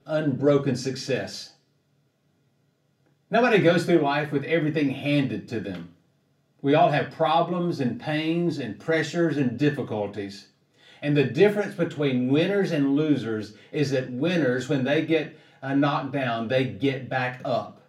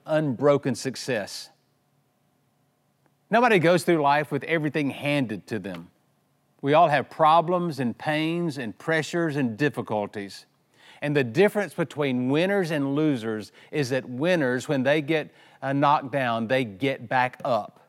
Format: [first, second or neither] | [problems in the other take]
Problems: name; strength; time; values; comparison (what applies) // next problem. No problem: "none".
second | room echo; slight; dies away in 0.3 s // off-mic speech; far